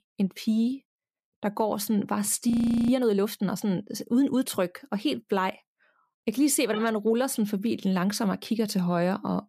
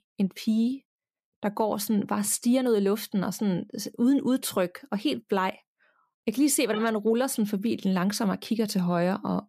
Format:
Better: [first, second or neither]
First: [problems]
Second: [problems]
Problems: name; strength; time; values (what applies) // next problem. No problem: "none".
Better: second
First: audio freezing; at 2.5 s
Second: none